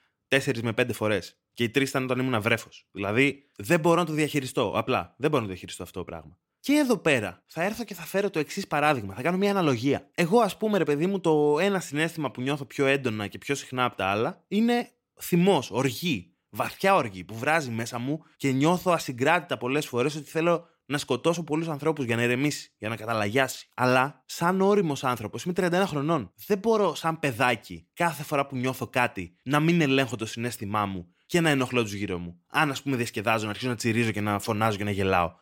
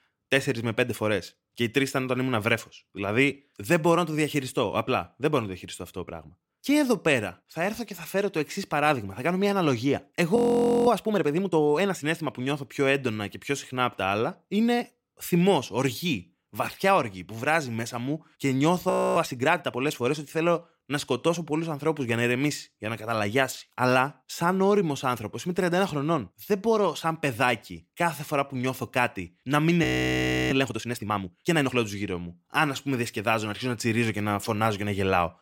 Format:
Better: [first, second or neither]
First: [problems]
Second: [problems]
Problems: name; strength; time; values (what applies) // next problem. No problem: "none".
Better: first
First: none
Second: audio freezing; at 10 s for 0.5 s, at 19 s and at 30 s for 0.5 s